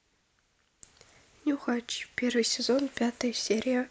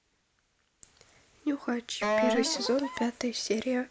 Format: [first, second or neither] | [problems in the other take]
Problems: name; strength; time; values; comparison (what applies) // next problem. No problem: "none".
first | background sound (Wind instrument, woodwind instrument); 1 dB above the speech